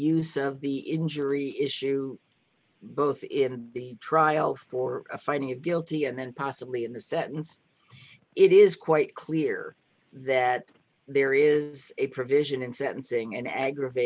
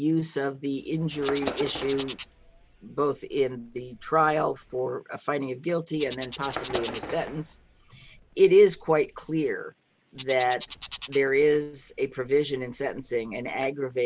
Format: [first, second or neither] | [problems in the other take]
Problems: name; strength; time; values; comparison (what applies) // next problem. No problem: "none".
first | background sound (Bird + Bird); 15 dB below the speech